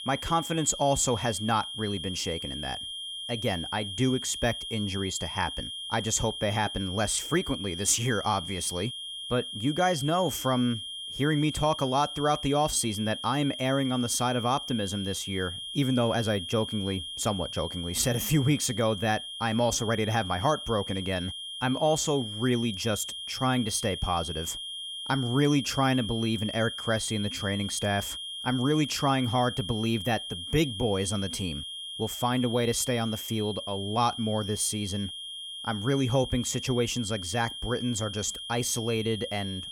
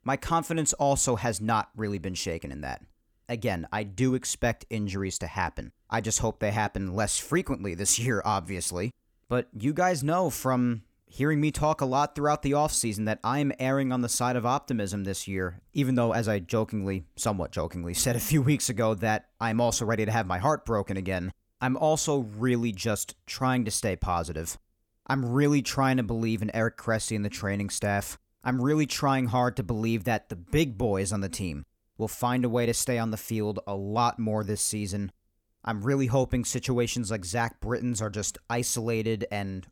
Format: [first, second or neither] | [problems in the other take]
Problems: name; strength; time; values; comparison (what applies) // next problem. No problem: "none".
second | high-pitched whine; loud; throughout; 3 kHz, 7 dB below the speech